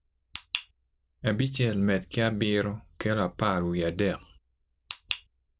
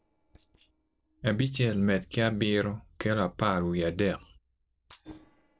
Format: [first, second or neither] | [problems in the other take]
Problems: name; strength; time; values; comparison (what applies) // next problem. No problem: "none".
first | noise reduction (neural separator model SepFormer DNS4)